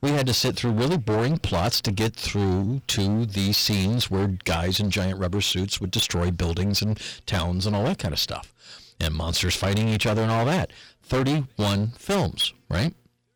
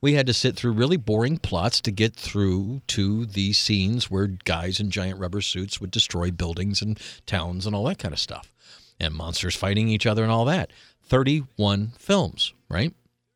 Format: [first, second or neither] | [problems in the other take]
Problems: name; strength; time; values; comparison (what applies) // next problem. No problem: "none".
second | distortion; heavy; 22% of the sound clipped